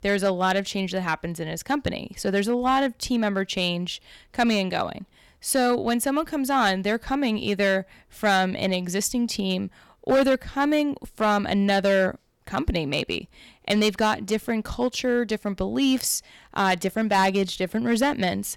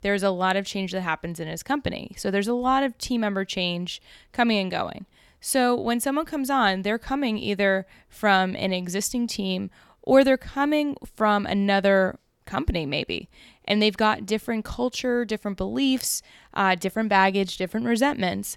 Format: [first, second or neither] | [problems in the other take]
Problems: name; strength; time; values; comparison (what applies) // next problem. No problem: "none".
second | distortion; slight; 4% of the sound clipped